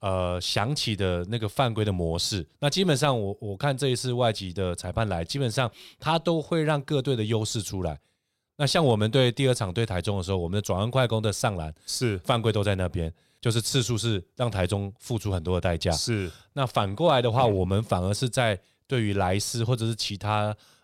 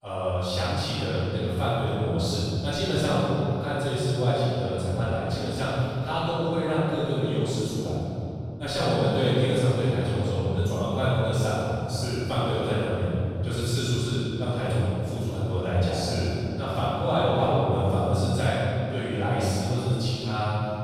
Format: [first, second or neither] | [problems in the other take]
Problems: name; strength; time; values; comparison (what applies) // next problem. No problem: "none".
first | off-mic speech; far // room echo; strong; dies away in 3 s